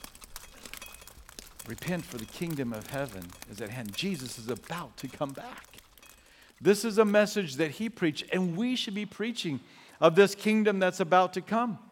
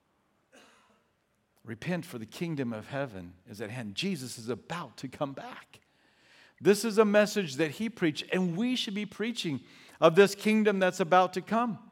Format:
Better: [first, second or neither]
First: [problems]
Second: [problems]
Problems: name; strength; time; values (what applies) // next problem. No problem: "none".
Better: second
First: rain or running water; noticeable; throughout; 20 dB below the speech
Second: none